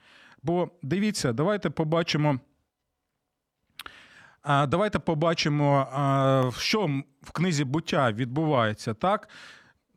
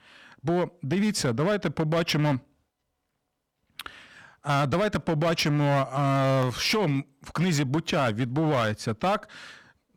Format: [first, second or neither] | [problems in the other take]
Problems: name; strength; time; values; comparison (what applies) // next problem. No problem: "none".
first | distortion; slight; 11% of the sound clipped